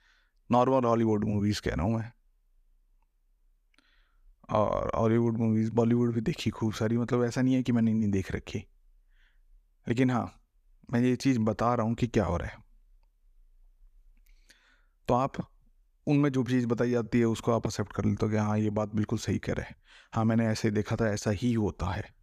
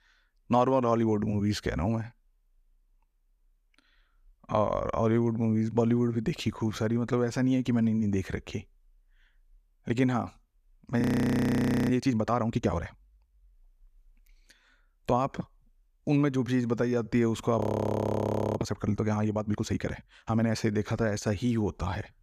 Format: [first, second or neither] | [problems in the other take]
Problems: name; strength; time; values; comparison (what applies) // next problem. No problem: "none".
first | audio freezing; at 11 s for 1 s and at 18 s for 1 s